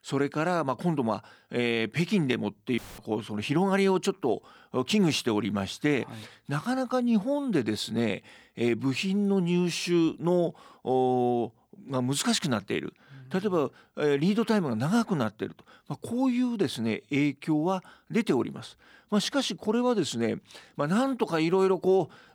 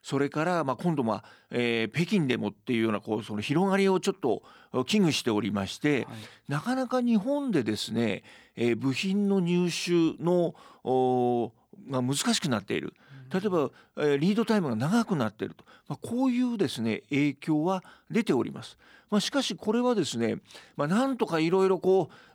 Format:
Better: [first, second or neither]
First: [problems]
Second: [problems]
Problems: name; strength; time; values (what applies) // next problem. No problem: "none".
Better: second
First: audio cutting out; filled with static; at 3 s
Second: none